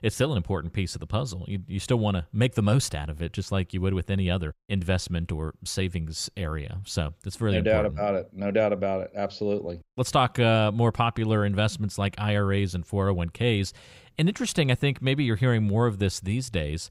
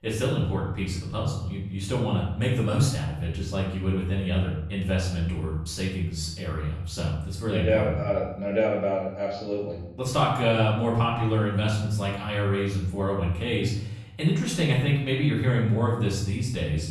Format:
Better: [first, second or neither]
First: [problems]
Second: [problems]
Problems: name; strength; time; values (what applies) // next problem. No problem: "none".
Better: first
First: none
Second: off-mic speech; far // room echo; noticeable; dies away in 0.6 s